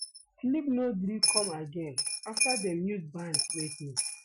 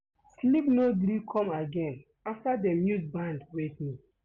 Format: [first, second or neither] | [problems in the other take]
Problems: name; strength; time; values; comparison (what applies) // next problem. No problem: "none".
second | noise reduction (classical method Wiener filter)